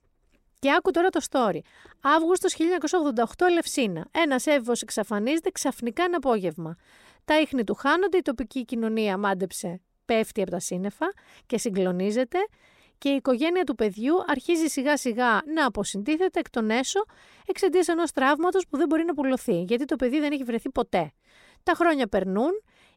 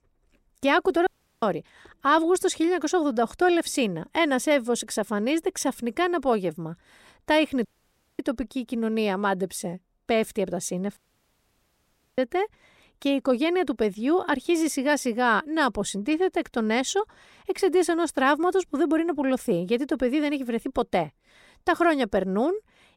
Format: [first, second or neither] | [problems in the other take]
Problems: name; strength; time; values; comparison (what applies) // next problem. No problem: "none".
first | audio cutting out; at 1 s, at 7.5 s for 0.5 s and at 11 s for 1 s